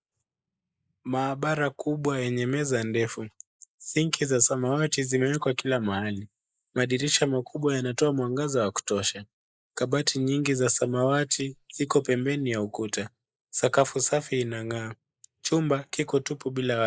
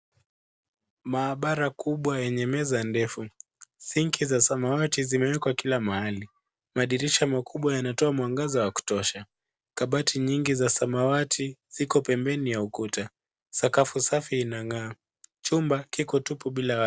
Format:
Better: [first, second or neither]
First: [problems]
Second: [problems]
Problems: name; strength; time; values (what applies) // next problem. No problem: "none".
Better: second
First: noise reduction (neural mask model Resemble Enhance denoiser)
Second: none